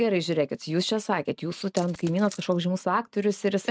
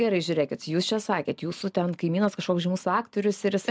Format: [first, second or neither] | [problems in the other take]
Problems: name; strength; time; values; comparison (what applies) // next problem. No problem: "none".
second | noise reduction (neural mask model RNNoise)